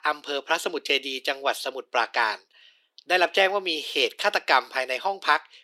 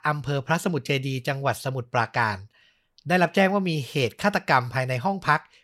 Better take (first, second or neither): second